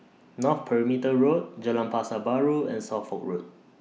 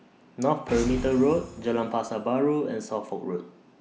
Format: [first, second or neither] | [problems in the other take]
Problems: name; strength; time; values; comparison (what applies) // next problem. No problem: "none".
first | background sound (Boom); 14 dB below the speech